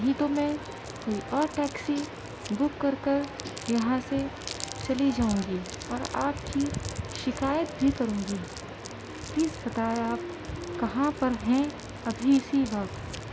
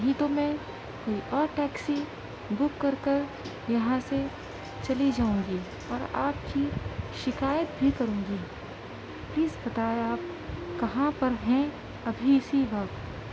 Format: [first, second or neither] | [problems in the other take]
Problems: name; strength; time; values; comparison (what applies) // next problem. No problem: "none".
second | background sound (Crumpling, crinkling); 18 dB below the speech